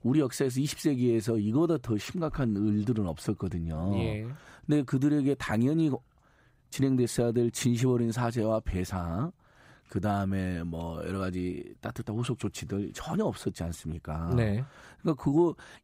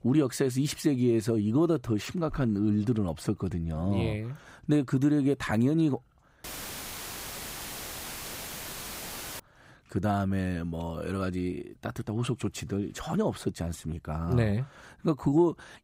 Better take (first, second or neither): first